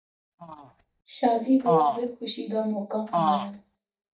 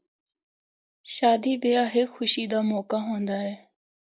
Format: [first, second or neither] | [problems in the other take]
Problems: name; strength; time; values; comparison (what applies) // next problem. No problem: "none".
second | noise reduction (neural mask model DeepFilterNet 3)